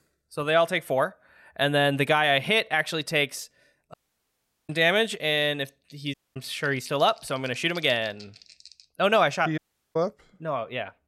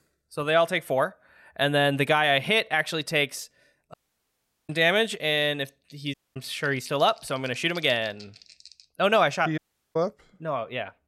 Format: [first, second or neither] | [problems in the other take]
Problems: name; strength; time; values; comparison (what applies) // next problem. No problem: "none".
neither | audio cutting out; at 4 s for 1 s, at 6 s and at 9.5 s; the same in both